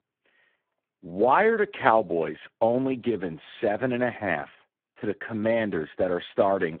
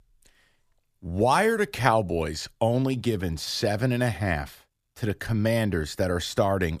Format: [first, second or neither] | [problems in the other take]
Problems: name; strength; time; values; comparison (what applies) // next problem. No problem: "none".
second | phone-call audio; poor line